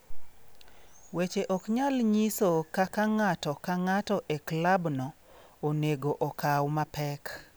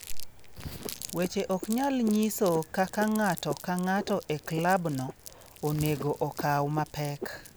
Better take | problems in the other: first | background sound (Crumpling, crinkling + Frog); 13 dB below the speech

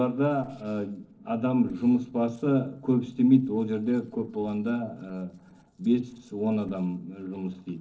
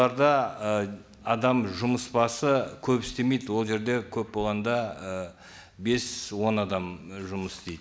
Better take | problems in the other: second | noise reduction (neural separator model SepFormer DNS4)

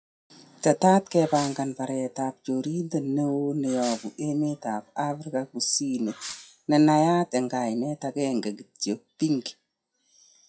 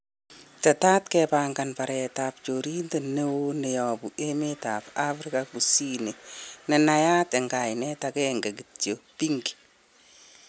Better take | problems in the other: second | noise reduction (classical method WPE with log-MMSE)

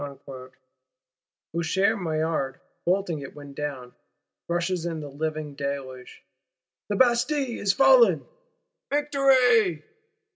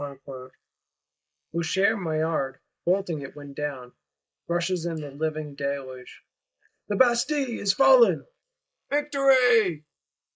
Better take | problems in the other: first | noise reduction (neural mask model Resemble Enhance denoiser)

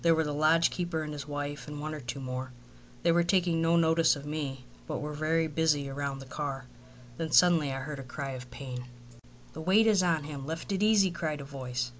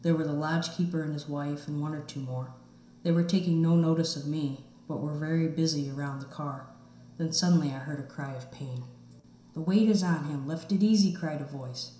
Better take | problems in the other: first | room echo; dies away in 0.7 s

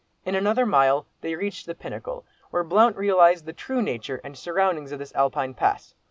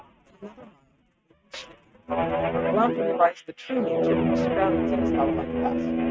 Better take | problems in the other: first | noise reduction (neural mask model RNNoise)

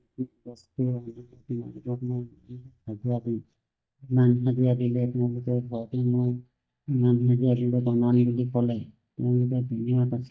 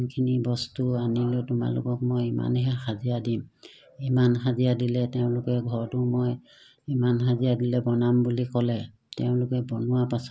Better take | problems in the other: second | noise reduction (neural mask model DeepFilterNet 3)

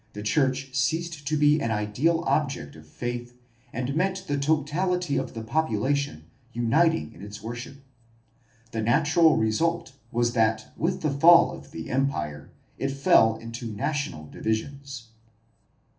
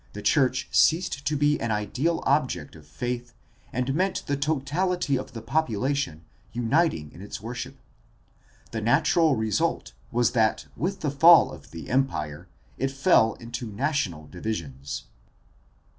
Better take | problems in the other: second | room echo; dies away in 0.3 s

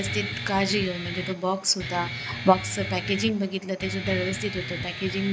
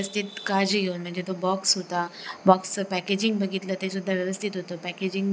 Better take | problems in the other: second | background sound (Guitar); 6 dB below the speech

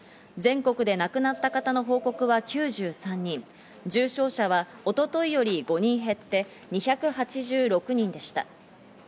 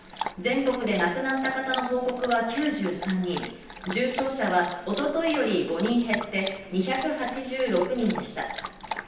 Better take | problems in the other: first | background sound (Dog); 11 dB below the speech // room echo; dies away in 0.9 s

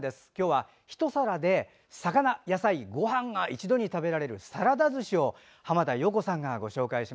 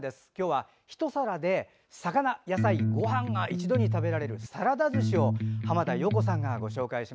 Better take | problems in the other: first | background sound (Electric guitar); 2 dB above the speech

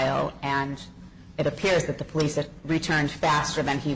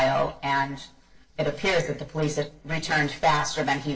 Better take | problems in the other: first | noise reduction (neural separator model SepFormer DNS4)

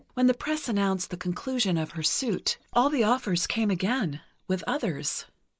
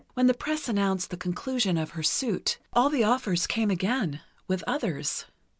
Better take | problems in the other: second | noise reduction (neural mask model Resemble Enhance denoiser)

